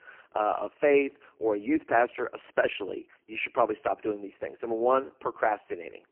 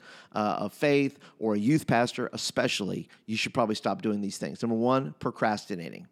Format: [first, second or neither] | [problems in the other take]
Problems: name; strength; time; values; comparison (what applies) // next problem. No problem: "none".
second | phone-call audio; poor line; nothing above 3 kHz